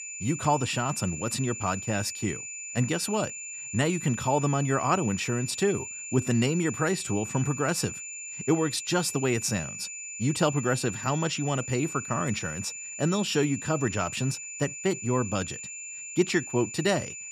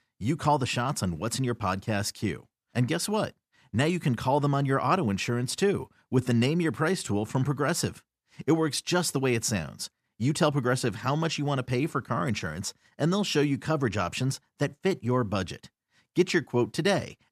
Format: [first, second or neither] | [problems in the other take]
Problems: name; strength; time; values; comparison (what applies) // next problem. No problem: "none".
second | high-pitched whine; loud; throughout; 7 kHz, 8 dB below the speech